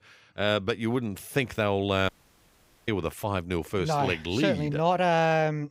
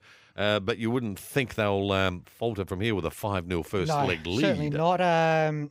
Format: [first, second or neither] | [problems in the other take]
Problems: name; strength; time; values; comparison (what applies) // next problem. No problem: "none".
second | audio cutting out; at 2 s for 1 s